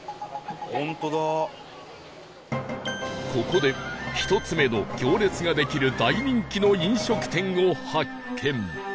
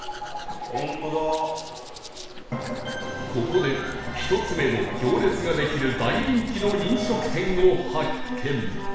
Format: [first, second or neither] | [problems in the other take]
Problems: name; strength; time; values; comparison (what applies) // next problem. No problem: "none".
first | background sound (Domestic sounds, home sounds); 9 dB below the speech // room echo; dies away in 1.1 s